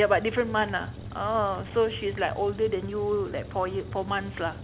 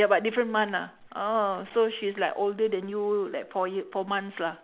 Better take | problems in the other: second | background sound (Truck); 11 dB below the speech

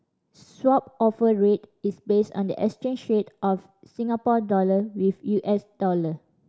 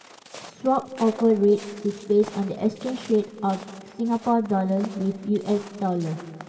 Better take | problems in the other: first | background sound (Walk, footsteps); 19 dB below the speech // room echo; dies away in 2.8 s

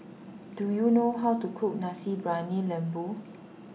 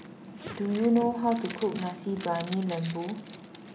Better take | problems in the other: first | background sound (Zipper (clothing)); 15 dB below the speech

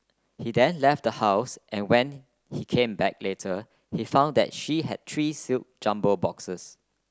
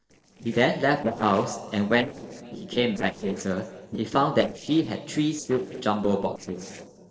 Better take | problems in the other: first | noise reduction (neural separator model SepFormer DNS4)

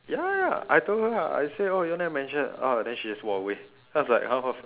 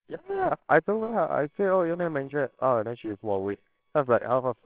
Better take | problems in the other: first | noise reduction (neural separator model SepFormer WHAMR!)

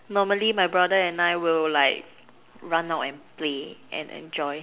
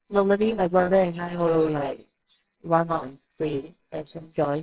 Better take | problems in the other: first | noise reduction (neural separator model SepFormer WHAMR!)

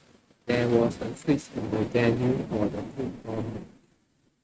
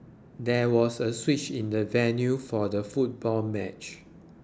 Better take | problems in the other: second | noise reduction (neural mask model RNNoise)

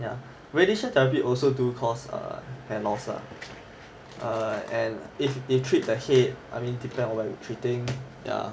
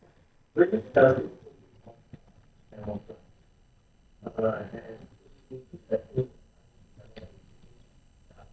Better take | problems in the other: first | noise reduction (neural mask model DeepFilterNet 3)

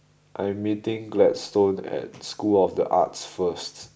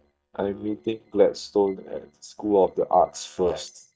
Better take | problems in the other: first | noise reduction (neural mask model DeepFilterNet 3)

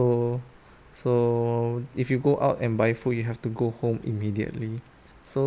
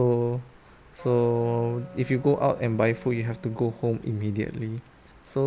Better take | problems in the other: first | background sound (Wind instrument, woodwind instrument); 20 dB below the speech

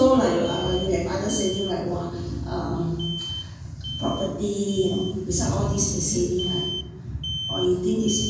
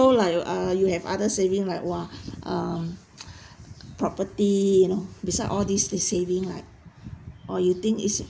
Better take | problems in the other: second | background sound (Alarm); 12 dB below the speech // room echo; dies away in 1.2 s

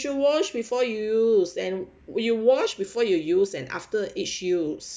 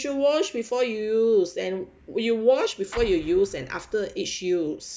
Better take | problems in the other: first | background sound (Explosion); 16 dB below the speech

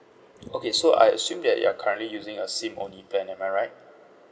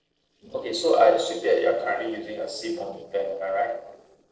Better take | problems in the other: first | noise reduction (neural separator model SepFormer DNS4)

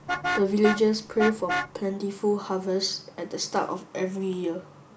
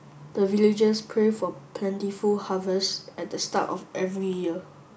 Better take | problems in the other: second | background sound (Vehicle horn, car horn, honking); 8 dB below the speech

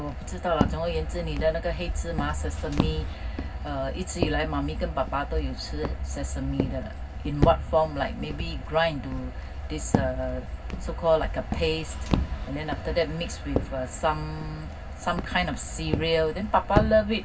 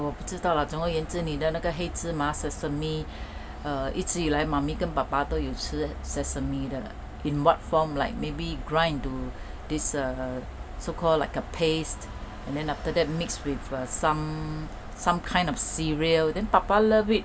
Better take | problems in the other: second | background sound (Walk, footsteps); 5 dB below the speech // room echo; dies away in 0.4 s

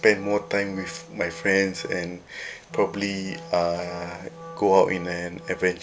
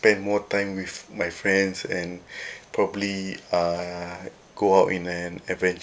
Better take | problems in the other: second | background sound (Wind instrument, woodwind instrument); 17 dB below the speech

